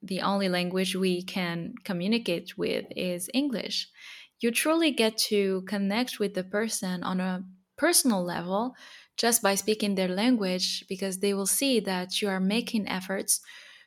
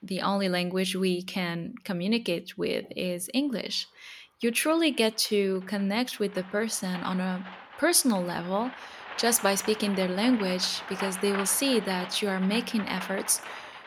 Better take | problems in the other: first | rain or running water; noticeable; throughout; 10 dB below the speech

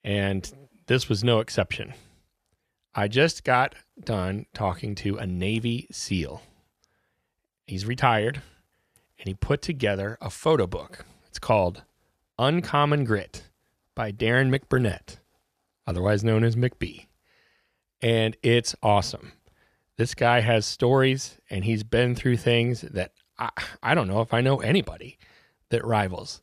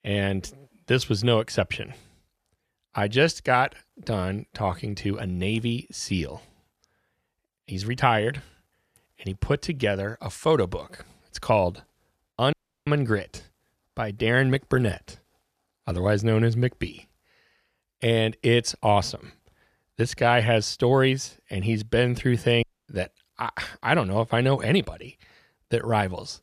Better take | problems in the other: first | audio cutting out; at 13 s and at 23 s

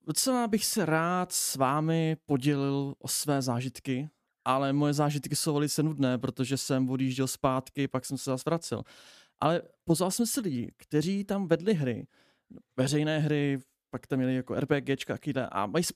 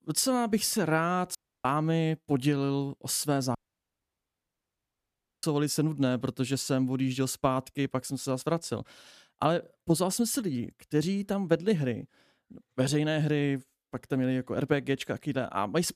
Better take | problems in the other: first | audio cutting out; at 1.5 s and at 3.5 s for 2 s

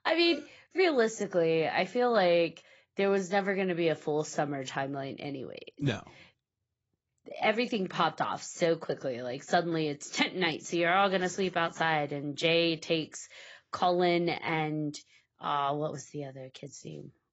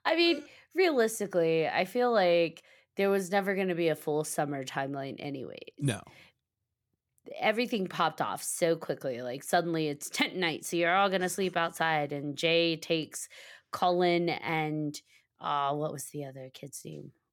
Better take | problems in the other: second | garbled, watery; badly; nothing above 7.5 kHz

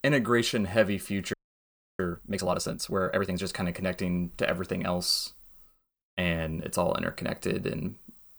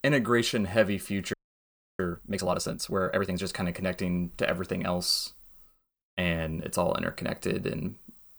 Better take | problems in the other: neither | audio freezing; at 1.5 s for 0.5 s; the same in both

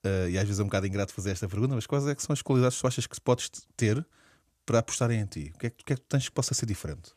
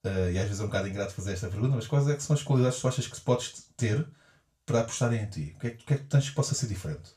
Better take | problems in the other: first | room echo; very slight; dies away in 0.2 s // off-mic speech; far

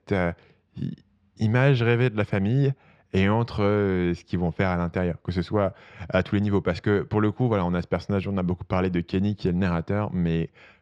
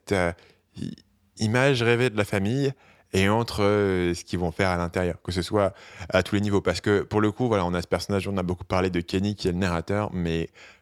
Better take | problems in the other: second | muffled; slightly; fading above 3 kHz

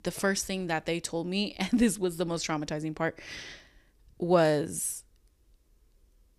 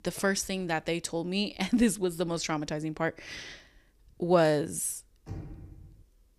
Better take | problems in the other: first | door banging; faint; at 5.5 s; peak 15 dB below the speech

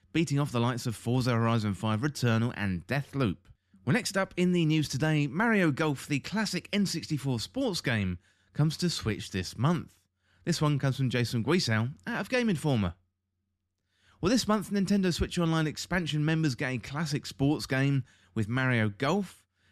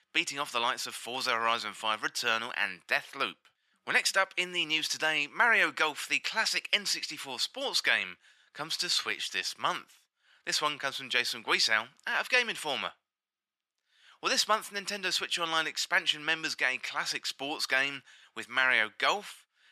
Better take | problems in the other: first | thin; very; fading below 850 Hz

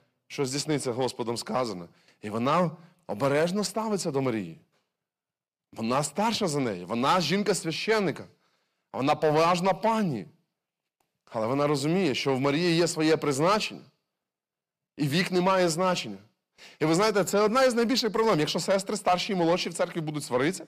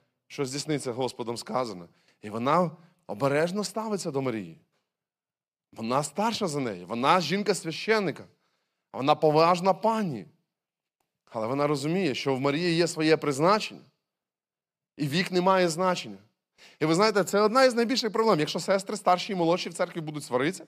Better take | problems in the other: second | distortion; slight; 10 dB below the speech

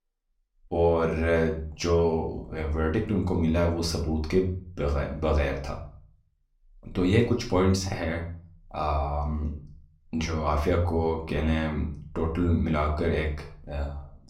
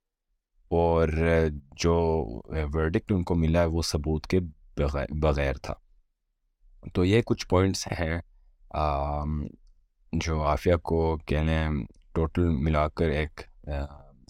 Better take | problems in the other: second | room echo; slight; dies away in 0.4 s // off-mic speech; somewhat distant

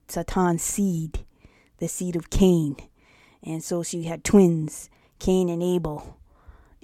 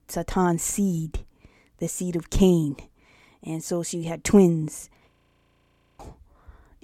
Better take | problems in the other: first | audio freezing; at 5 s for 1 s

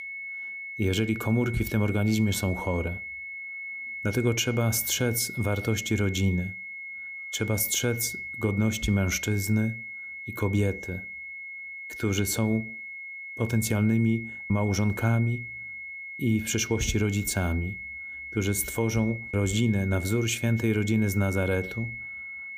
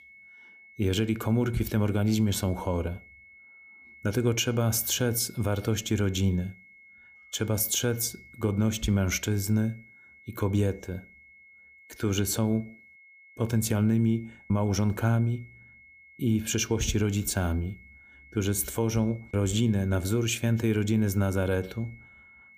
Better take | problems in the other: second | high-pitched whine; loud; throughout; 2 kHz, 9 dB below the speech; faint in the second

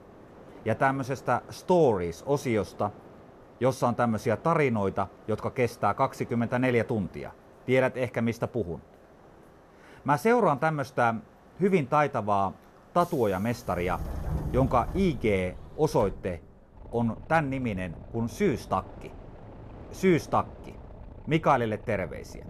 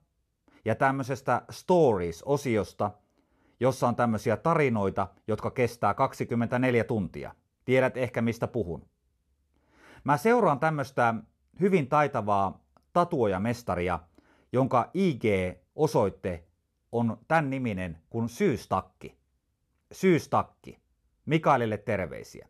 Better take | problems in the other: second | train or aircraft noise; noticeable; throughout; 15 dB below the speech

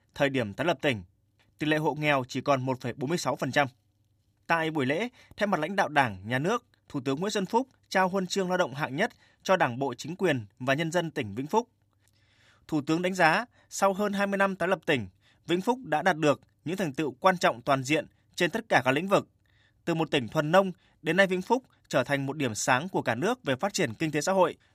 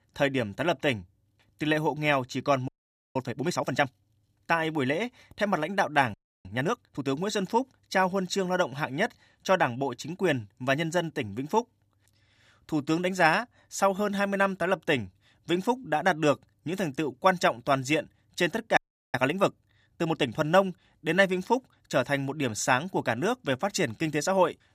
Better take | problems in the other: first | audio freezing; at 2.5 s, at 6 s and at 19 s

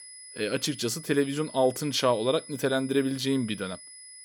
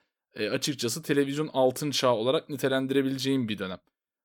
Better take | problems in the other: second | high-pitched whine; noticeable; throughout; 10 kHz, 15 dB below the speech

